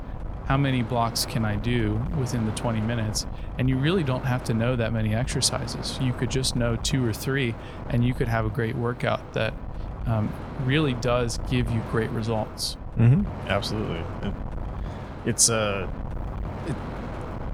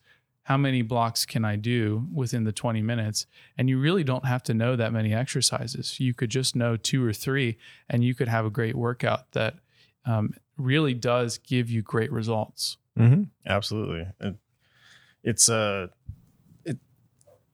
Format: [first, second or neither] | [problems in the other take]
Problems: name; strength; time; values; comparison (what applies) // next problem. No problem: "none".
second | wind noise on the microphone; occasional gusts; 10 dB below the speech